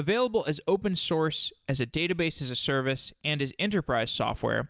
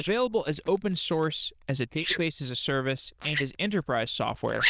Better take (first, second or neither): first